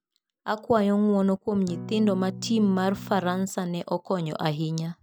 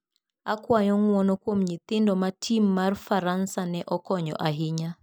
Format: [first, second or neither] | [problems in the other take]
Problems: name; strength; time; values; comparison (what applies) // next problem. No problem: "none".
second | background sound (Electric guitar / Strum); 12 dB below the speech